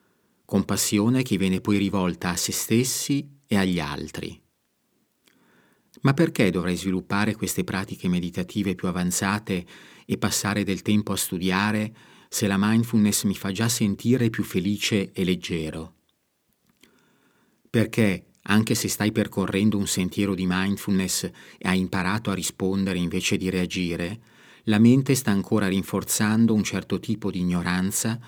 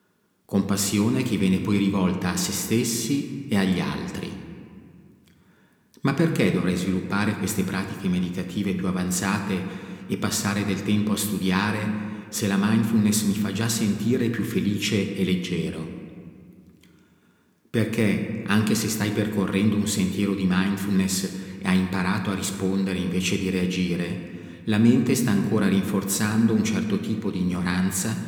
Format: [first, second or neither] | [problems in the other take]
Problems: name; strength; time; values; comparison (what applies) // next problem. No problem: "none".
first | room echo; slight; dies away in 1.5 s